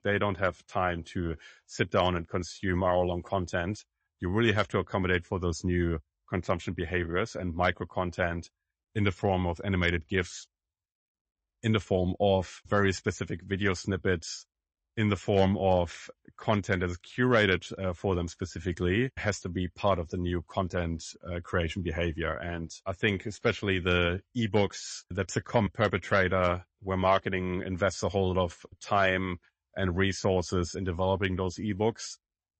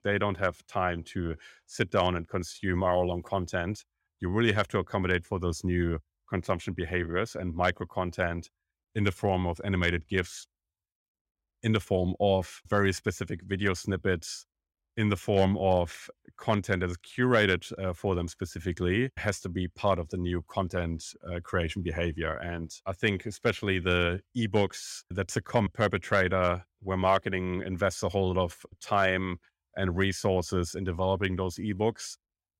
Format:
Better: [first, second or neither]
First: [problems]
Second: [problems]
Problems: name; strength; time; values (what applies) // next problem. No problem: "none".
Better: second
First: garbled, watery; slightly; nothing above 7.5 kHz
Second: none